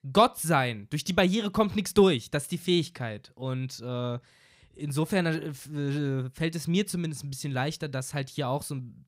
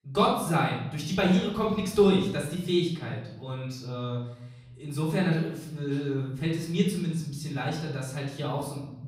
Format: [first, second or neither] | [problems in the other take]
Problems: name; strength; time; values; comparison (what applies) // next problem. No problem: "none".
first | off-mic speech; far // room echo; noticeable; dies away in 0.8 s